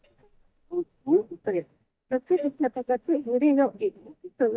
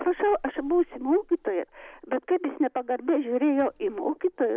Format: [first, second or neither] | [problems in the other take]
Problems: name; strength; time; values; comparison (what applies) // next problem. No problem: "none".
second | noise reduction (neural mask model DeepFilterNet 3)